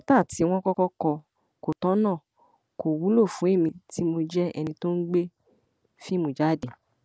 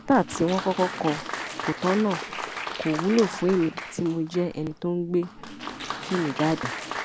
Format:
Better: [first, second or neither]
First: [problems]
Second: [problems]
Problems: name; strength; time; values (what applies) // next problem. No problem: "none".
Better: first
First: none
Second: background sound (Applause); 8 dB below the speech